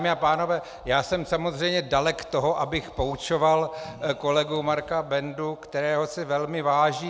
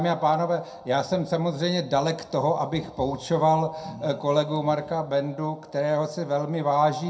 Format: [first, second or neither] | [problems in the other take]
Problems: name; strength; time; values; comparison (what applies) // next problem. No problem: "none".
first | room echo; dies away in 0.2 s